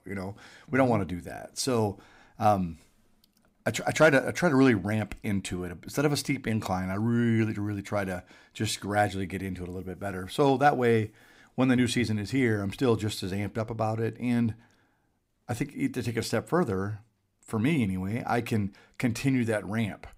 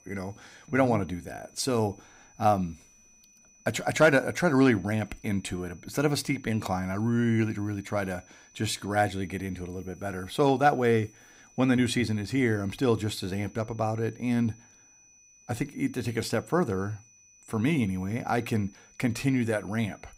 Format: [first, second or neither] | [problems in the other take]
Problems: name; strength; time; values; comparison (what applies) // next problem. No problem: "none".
first | high-pitched whine; faint; throughout; 6 kHz, 30 dB below the speech